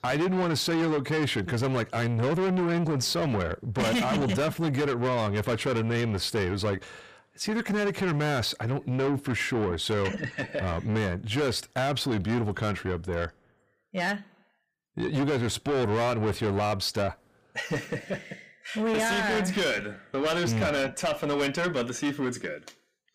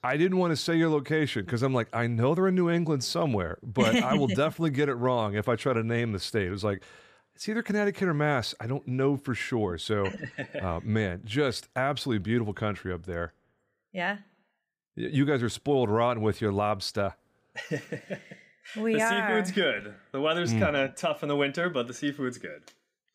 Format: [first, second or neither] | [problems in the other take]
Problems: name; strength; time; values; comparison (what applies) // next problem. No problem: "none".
second | distortion; heavy; 7 dB below the speech